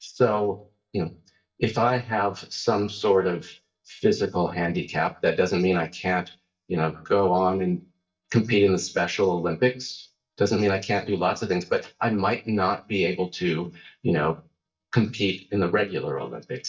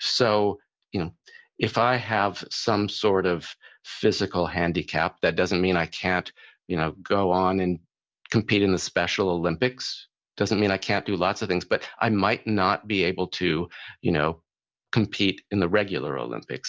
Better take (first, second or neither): second